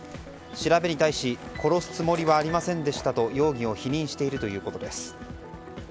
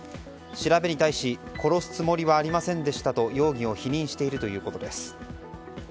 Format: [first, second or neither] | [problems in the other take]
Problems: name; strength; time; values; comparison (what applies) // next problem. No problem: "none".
second | background sound (Skateboard); 19 dB below the speech